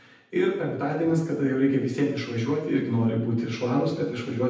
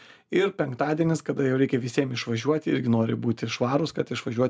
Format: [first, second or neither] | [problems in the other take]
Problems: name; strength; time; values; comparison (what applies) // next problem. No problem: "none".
second | room echo; dies away in 0.8 s